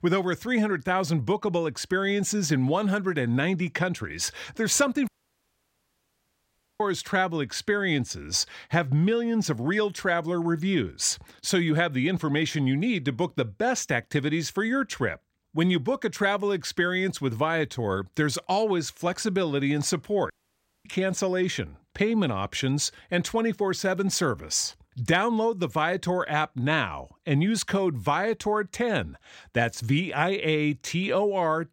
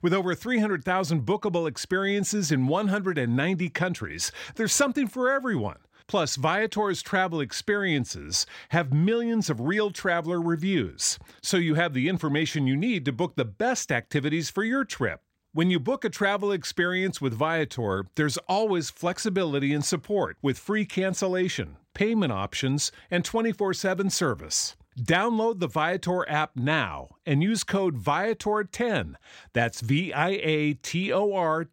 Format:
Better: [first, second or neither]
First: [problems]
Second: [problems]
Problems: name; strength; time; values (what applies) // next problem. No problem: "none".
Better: second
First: audio cutting out; at 5 s for 1.5 s and at 20 s for 0.5 s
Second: none